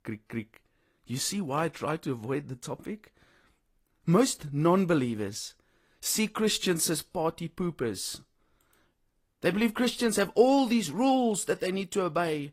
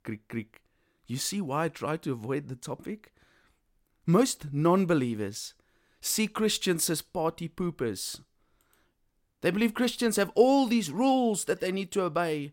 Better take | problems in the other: second | garbled, watery; slightly; nothing above 14.5 kHz

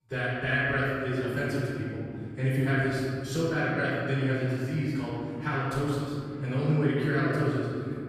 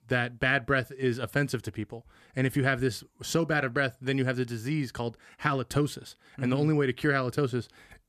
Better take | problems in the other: second | room echo; strong; dies away in 2.4 s // off-mic speech; far

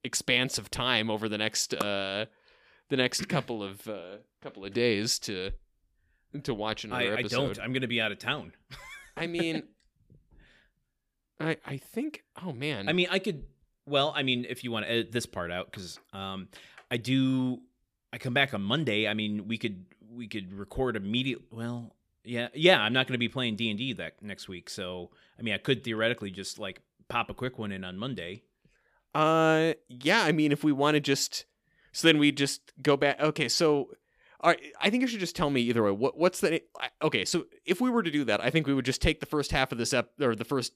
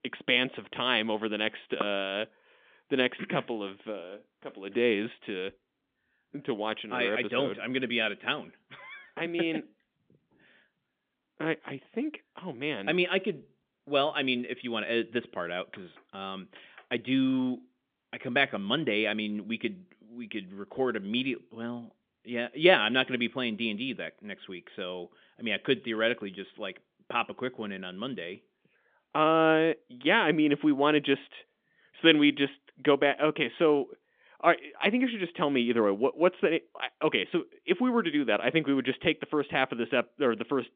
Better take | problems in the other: first | phone-call audio; nothing above 3.5 kHz

